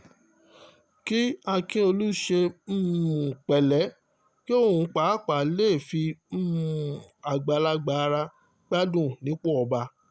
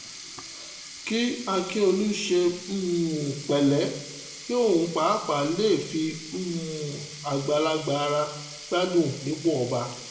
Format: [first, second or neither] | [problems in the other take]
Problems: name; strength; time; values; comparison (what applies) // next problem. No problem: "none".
first | background sound (Sink (filling or washing)); 15 dB below the speech // room echo; dies away in 0.9 s